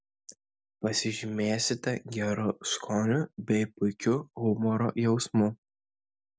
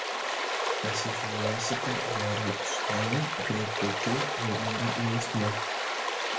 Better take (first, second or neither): first